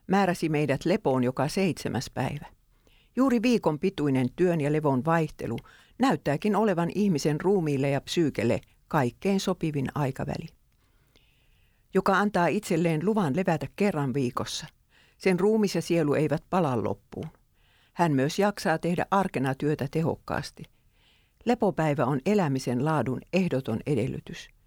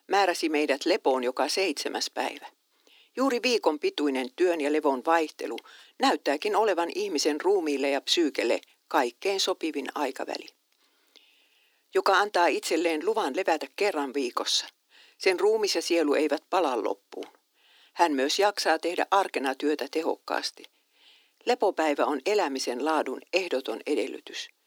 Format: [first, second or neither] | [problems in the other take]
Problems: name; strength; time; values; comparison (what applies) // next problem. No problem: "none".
first | thin; somewhat; fading below 300 Hz